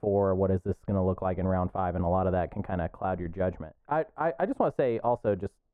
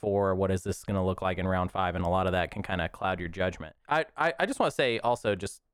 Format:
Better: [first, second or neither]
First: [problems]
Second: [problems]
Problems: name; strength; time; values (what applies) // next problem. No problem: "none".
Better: second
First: muffled; very; fading above 2 kHz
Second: none